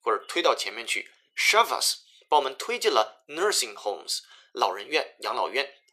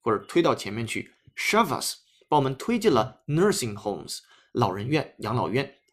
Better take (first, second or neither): second